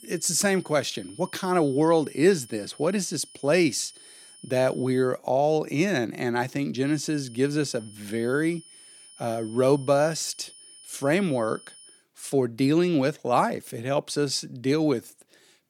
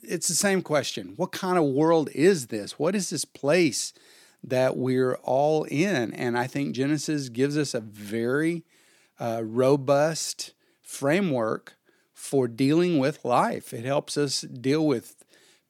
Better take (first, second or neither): second